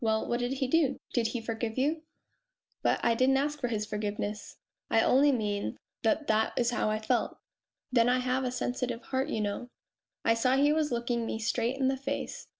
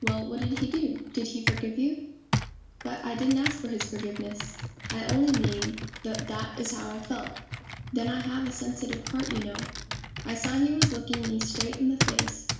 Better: first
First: none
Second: background sound (Computer keyboard); 3 dB below the speech // room echo; dies away in 0.7 s

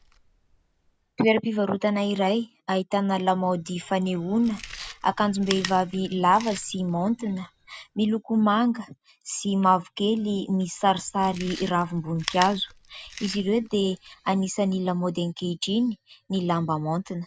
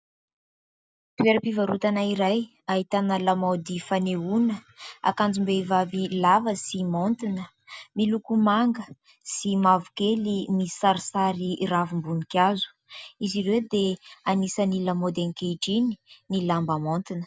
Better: second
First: background sound (Chewing, mastication); 19 dB below the speech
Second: none

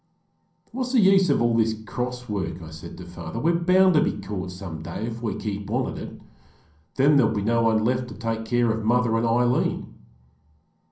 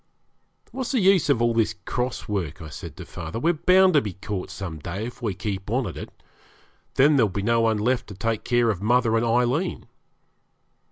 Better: second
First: room echo; dies away in 0.6 s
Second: none

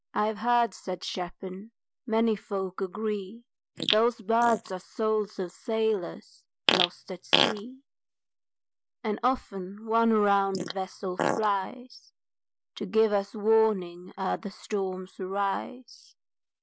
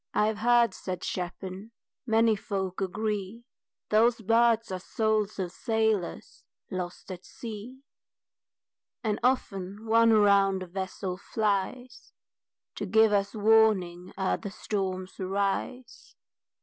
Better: second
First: noise reduction (neural mask model Resemble Enhance denoiser)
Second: none

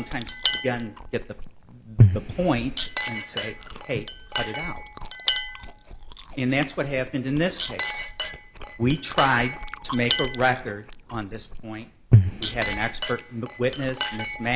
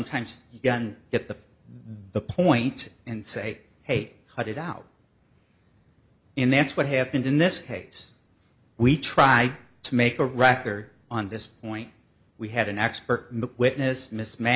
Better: second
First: background sound (Chewing, mastication + Chink, clink); 1 dB above the speech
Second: none

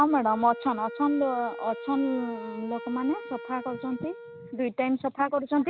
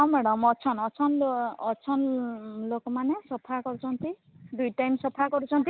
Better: second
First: background sound (Wind instrument, woodwind instrument); 13 dB below the speech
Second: none

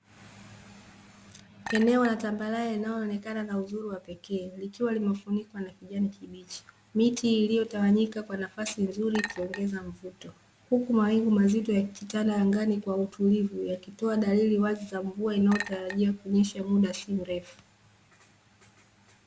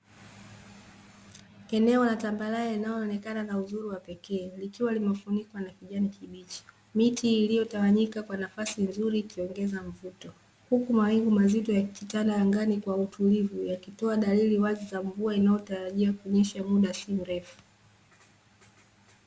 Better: second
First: background sound (Chink, clink); 12 dB below the speech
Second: none

